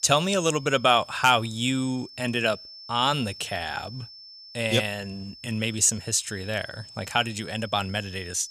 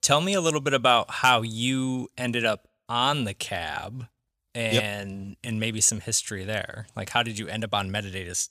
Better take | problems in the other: second | high-pitched whine; noticeable; throughout; 5.5 kHz, 20 dB below the speech

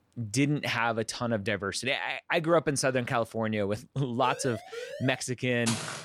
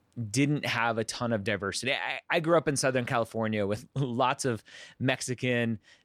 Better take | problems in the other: second | siren; faint; at 4 s; peak 10 dB below the speech // footsteps; noticeable; at 5.5 s; peak 3 dB below the speech

